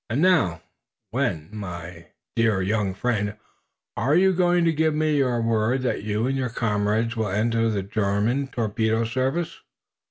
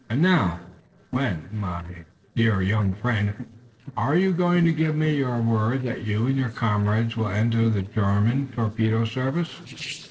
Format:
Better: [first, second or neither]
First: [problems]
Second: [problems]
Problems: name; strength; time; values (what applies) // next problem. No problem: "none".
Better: first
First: none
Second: noise reduction (neural separator model SepFormer DNS4)